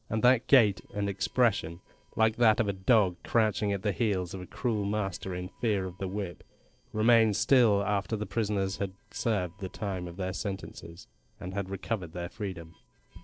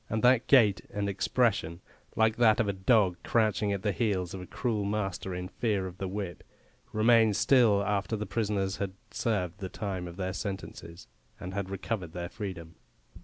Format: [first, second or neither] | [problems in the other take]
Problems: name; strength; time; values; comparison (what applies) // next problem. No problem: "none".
second | noise reduction (neural separator model SepFormer DNS4)